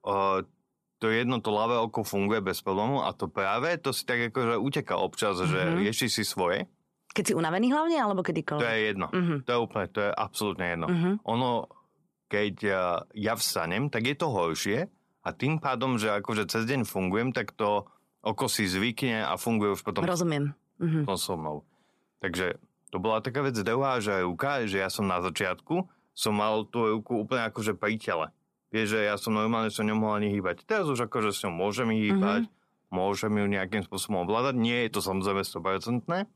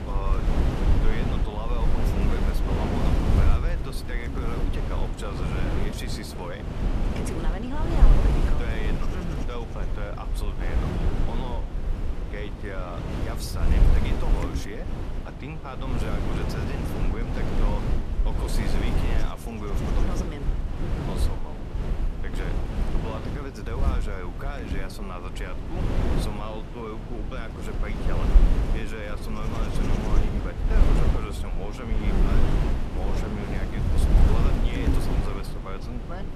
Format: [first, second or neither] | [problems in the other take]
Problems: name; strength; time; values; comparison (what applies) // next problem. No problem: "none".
first | wind noise on the microphone; heavy; 1 dB above the speech